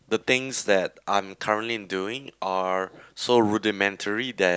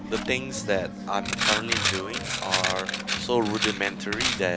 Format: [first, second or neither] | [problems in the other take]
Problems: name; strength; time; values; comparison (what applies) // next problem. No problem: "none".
first | background sound (Coin (dropping)); as loud as the speech